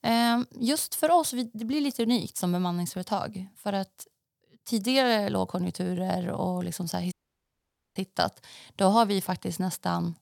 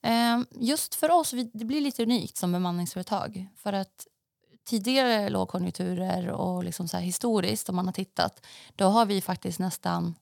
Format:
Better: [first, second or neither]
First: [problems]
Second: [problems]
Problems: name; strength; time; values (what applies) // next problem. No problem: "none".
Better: second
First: audio cutting out; at 7 s for 1 s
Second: none